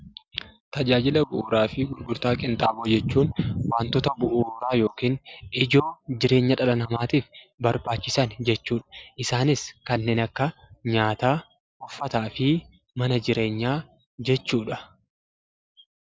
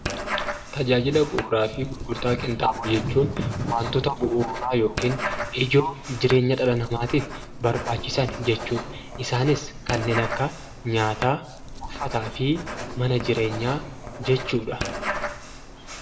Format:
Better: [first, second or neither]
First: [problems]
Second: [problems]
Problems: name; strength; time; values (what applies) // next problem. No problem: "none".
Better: first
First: none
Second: background sound (Writing); 8 dB below the speech // room echo; dies away in 2.3 s